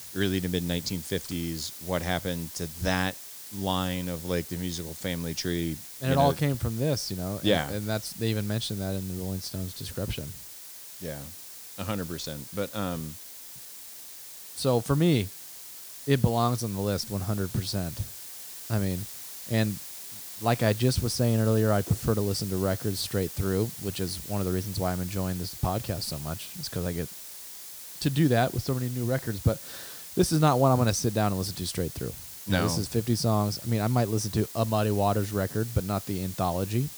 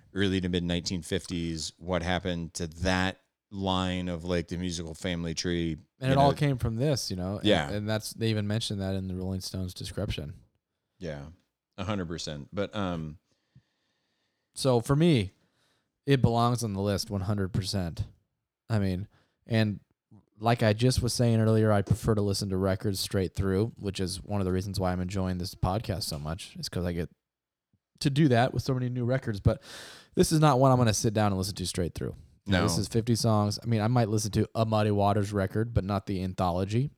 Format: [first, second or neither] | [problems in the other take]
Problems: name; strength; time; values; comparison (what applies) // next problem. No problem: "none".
second | hiss; noticeable; throughout; 10 dB below the speech